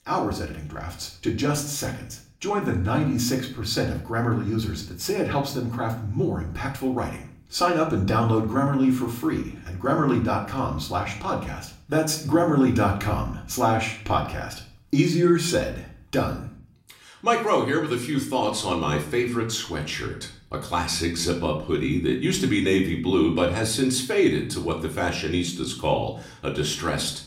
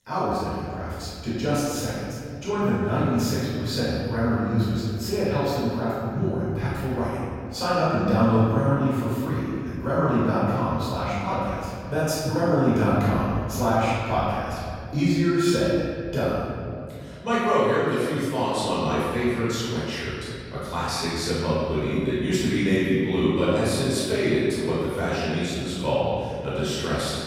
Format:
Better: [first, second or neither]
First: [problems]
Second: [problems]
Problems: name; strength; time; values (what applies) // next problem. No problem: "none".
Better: first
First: room echo; slight; dies away in 0.4 s // off-mic speech; somewhat distant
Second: room echo; strong; dies away in 2.3 s // off-mic speech; far